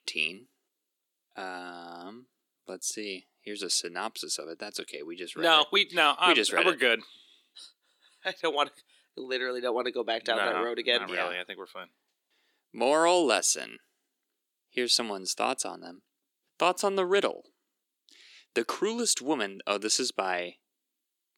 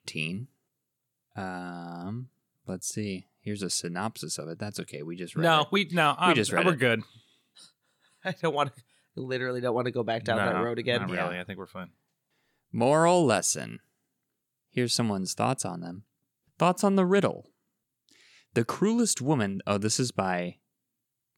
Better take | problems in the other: second | thin; somewhat; fading below 300 Hz

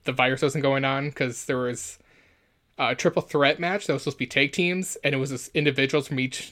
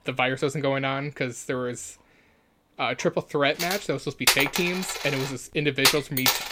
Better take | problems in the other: first | household noises; very loud; throughout; 2 dB above the speech

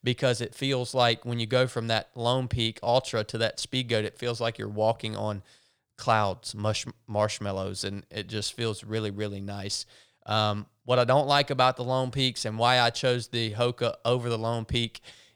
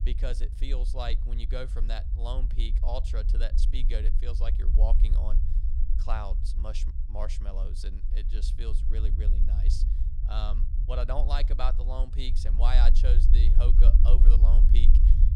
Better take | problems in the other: first | low rumble; loud; throughout; 9 dB below the speech

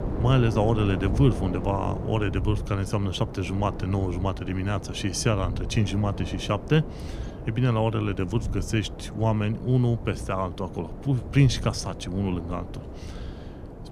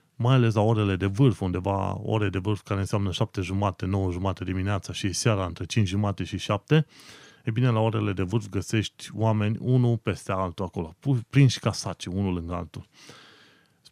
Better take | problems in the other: second | wind noise on the microphone; occasional gusts; 10 dB below the speech

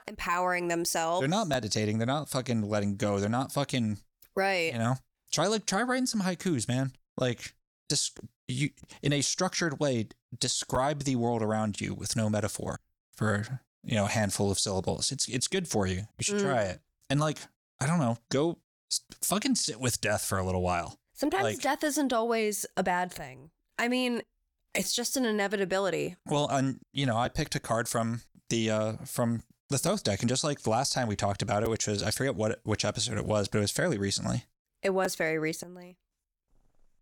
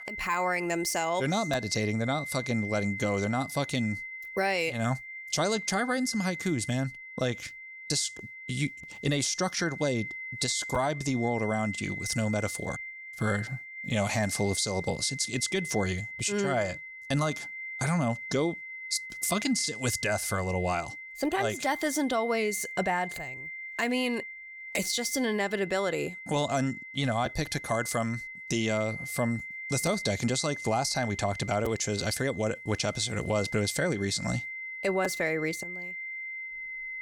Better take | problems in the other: first | high-pitched whine; loud; throughout; 2 kHz, 8 dB below the speech

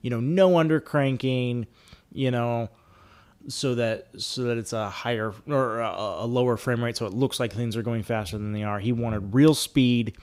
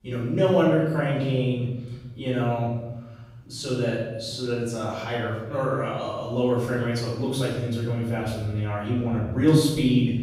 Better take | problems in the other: first | room echo; noticeable; dies away in 1.1 s // off-mic speech; far

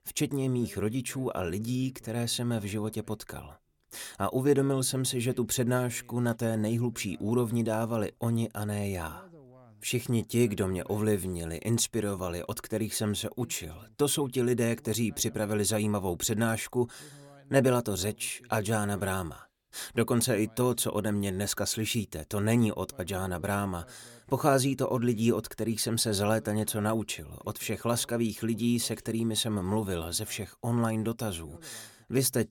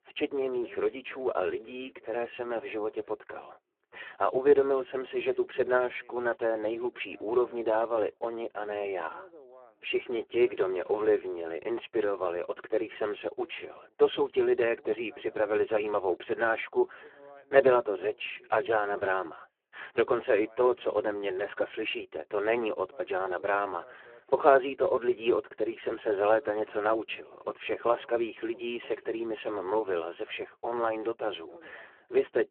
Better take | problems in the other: first | phone-call audio; poor line

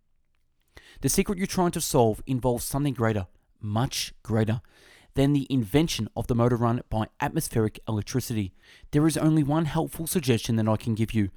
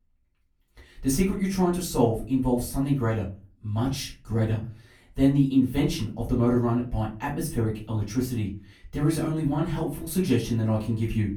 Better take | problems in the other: first | off-mic speech; far // room echo; slight; dies away in 0.3 s

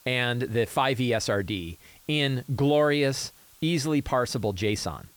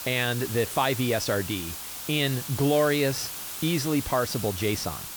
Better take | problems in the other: first | hiss; loud; throughout; 7 dB below the speech; faint in the first

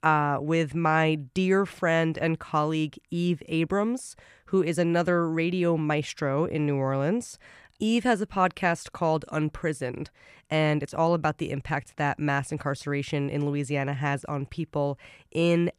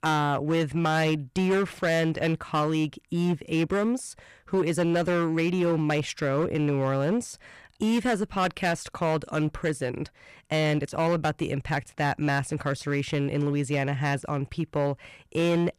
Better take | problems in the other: first | distortion; slight; 10% of the sound clipped

